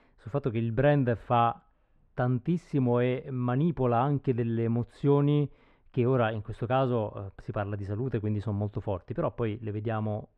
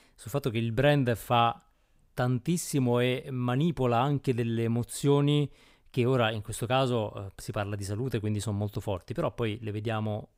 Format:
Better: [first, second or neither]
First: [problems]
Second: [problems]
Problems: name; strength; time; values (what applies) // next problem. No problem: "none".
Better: second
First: muffled; very; fading above 1.5 kHz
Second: none